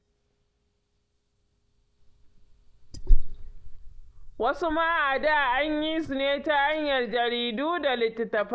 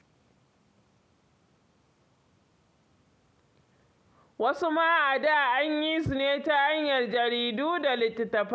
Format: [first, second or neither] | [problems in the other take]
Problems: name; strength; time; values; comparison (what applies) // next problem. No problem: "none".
second | noise reduction (neural mask model DeepFilterNet 3)